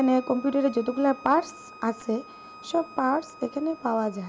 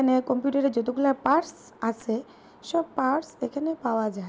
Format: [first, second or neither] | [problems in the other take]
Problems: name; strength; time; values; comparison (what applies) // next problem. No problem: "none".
second | background sound (Bowed string instrument); 20 dB below the speech